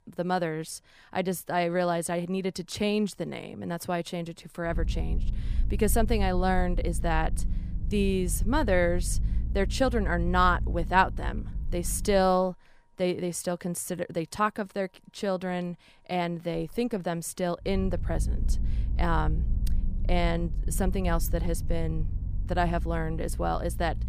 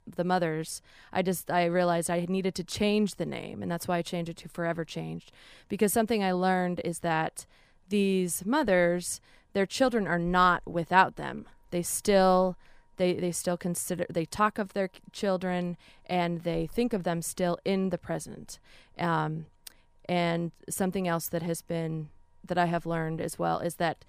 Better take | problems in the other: second | low rumble; faint; from 4.5 to 12 s and from 18 s on; 20 dB below the speech

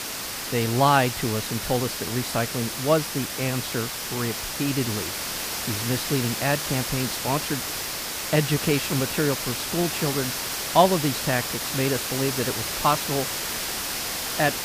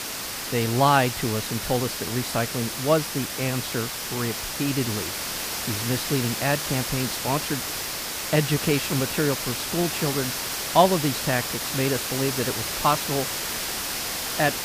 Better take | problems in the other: neither | hiss; loud; throughout; 2 dB below the speech; the same in both

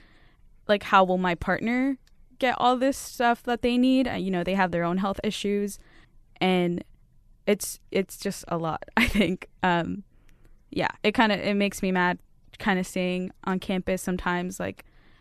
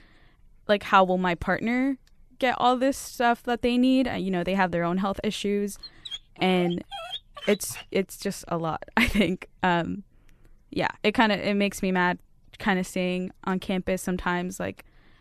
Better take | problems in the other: first | dog barking; noticeable; from 6 to 8 s; peak 9 dB below the speech

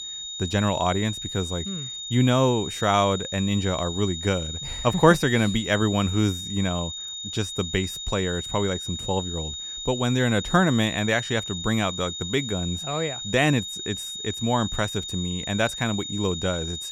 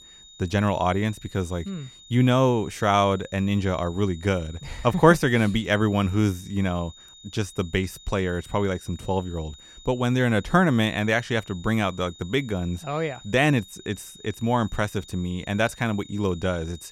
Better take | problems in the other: second | high-pitched whine; loud; throughout; 3.5 kHz, 7 dB below the speech; faint in the second

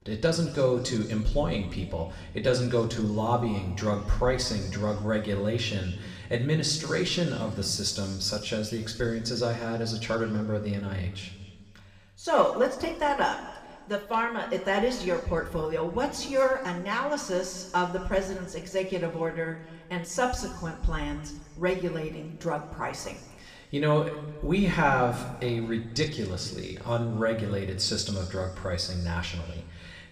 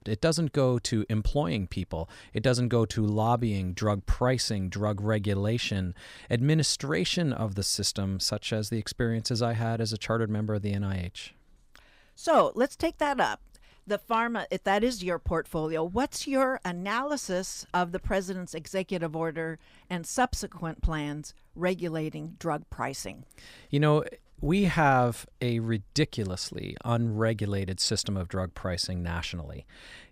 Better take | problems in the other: second | room echo; slight; dies away in 1.8 s // off-mic speech; somewhat distant

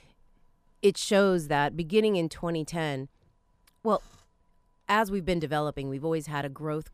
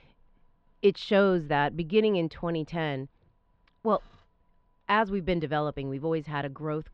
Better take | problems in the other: first | muffled; slightly; fading above 4 kHz

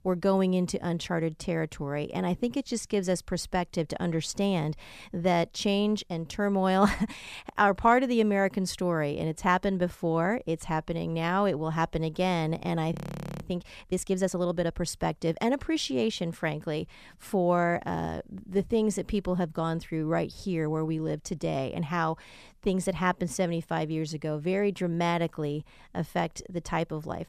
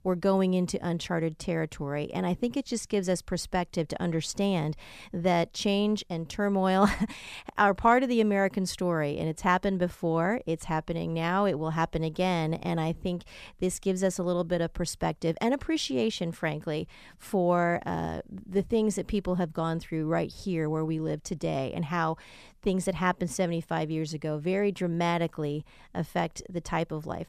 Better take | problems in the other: second | audio freezing; at 13 s

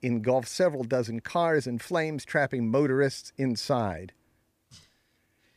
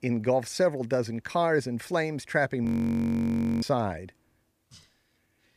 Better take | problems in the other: first | audio freezing; at 2.5 s for 1 s

